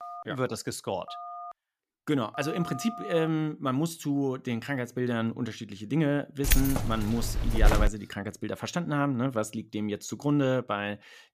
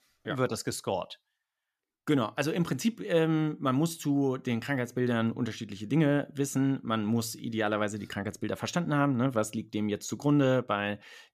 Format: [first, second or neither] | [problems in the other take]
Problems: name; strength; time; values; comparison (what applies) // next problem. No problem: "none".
second | phone ringing; noticeable; until 3.5 s; peak 9 dB below the speech // jangling keys; loud; from 6.5 to 8 s; peak 4 dB above the speech